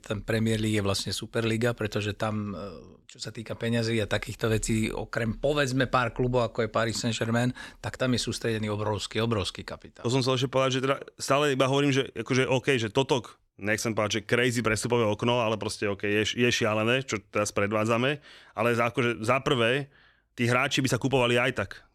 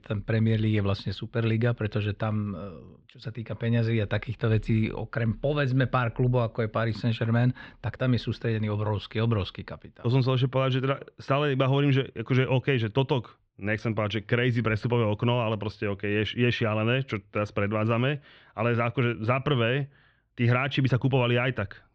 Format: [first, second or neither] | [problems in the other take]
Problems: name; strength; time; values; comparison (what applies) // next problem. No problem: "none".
first | muffled; slightly; fading above 3.5 kHz